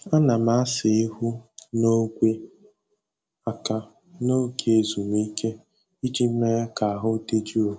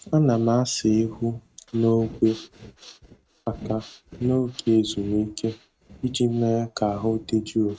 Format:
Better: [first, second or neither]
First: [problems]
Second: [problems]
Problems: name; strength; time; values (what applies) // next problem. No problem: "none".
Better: first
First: none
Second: noise reduction (neural mask model RNNoise)